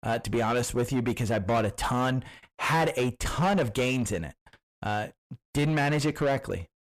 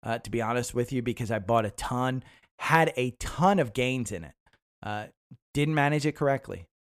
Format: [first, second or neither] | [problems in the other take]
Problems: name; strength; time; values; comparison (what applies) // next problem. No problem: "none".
second | distortion; heavy; 6 dB below the speech